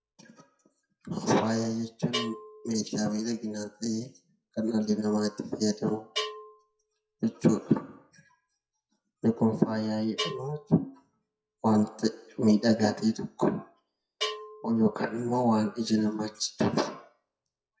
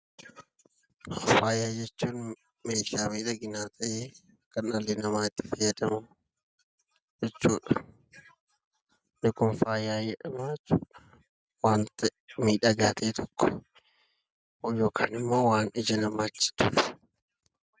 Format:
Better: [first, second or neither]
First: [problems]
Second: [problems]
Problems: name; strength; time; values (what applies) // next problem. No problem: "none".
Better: second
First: noise reduction (classical method WPE with log-MMSE)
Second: none